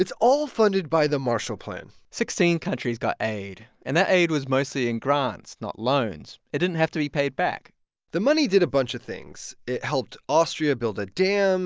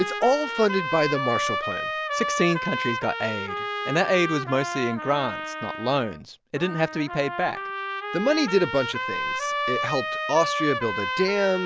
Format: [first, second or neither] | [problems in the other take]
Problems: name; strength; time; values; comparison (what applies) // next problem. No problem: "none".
first | background sound (Trumpet); 4 dB below the speech